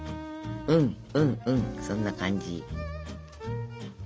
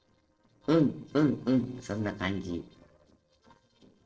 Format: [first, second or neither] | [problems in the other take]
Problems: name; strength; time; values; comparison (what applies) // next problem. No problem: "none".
first | noise reduction (neural separator model SepFormer DNS4)